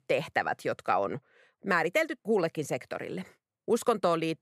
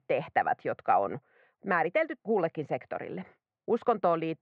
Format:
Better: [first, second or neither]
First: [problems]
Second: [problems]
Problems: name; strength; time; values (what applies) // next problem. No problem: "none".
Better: first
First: none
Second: muffled; very; fading above 2.5 kHz